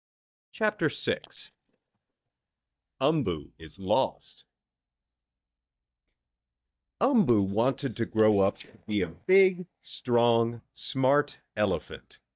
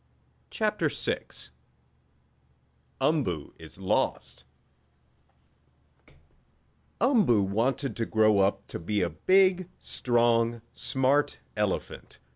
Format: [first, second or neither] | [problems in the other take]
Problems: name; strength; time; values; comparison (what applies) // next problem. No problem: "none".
second | noise reduction (neural mask model DeepFilterNet 3)